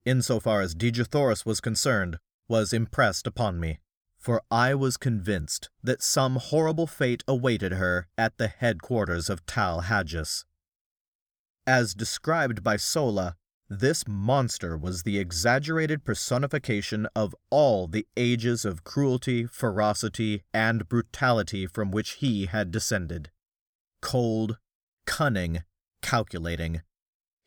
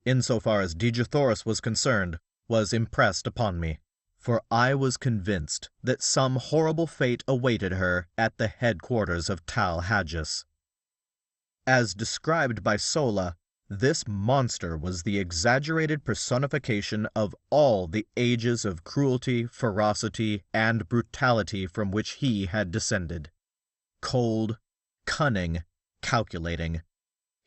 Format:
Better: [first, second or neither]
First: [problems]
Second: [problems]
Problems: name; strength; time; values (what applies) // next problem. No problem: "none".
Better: first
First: none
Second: garbled, watery; slightly; nothing above 8 kHz